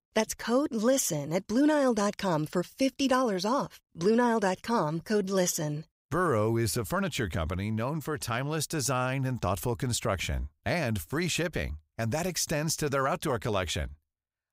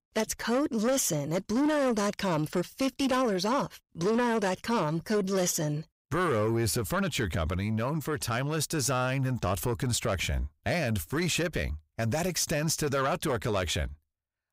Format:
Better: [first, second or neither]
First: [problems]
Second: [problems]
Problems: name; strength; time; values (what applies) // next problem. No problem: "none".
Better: first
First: none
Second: distortion; slight; 10 dB below the speech